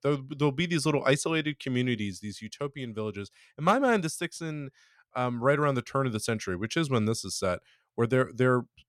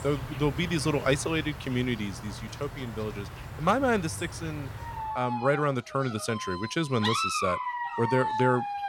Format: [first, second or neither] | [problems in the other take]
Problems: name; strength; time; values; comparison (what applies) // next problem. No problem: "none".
first | animal sounds; loud; throughout; 6 dB below the speech